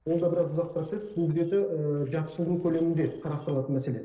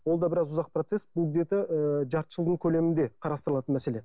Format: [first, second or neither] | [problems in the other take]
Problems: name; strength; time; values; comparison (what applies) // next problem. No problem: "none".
second | noise reduction (neural separator model SepFormer DNS4)